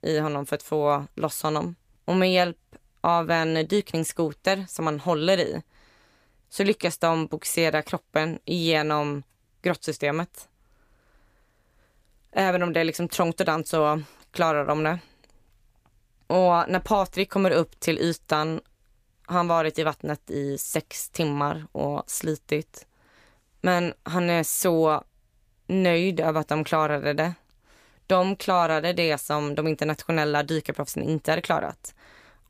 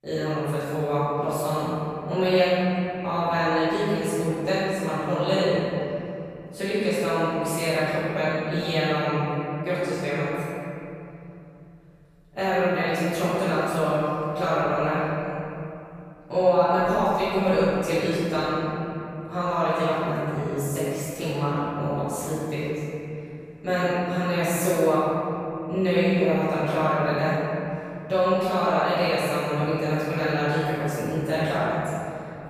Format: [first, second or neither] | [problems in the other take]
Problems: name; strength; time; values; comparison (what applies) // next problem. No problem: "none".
first | off-mic speech; far // room echo; strong; dies away in 3 s